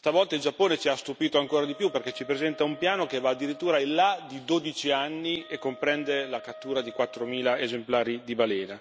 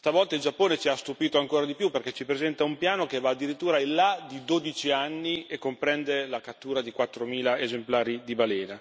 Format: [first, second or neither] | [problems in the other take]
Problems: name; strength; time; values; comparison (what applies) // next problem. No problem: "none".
second | background sound (Wind instrument, woodwind instrument); 19 dB below the speech